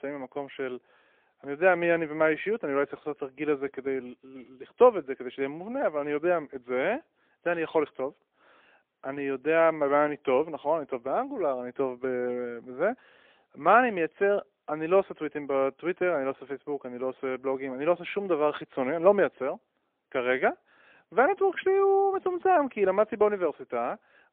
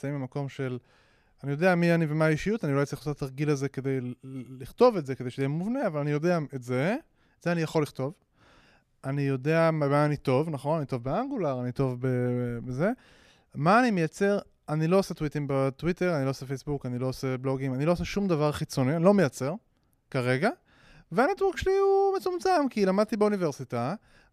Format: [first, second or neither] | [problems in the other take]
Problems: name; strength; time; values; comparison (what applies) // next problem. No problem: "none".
second | phone-call audio; poor line